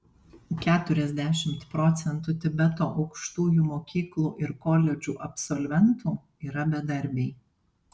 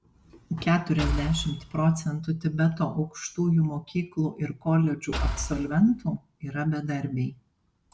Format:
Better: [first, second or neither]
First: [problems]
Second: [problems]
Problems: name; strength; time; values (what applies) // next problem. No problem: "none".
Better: first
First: none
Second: background sound (Engine / Car); 4 dB below the speech